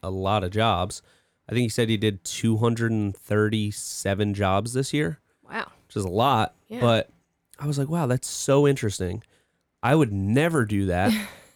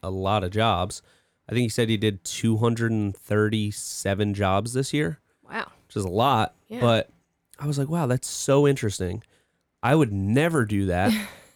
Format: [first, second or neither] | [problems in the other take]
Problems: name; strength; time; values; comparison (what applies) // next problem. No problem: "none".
neither | none